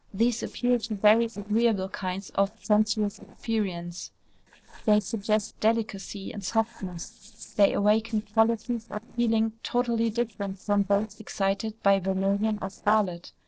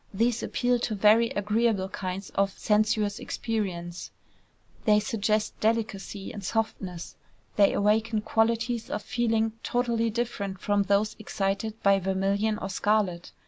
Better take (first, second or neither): second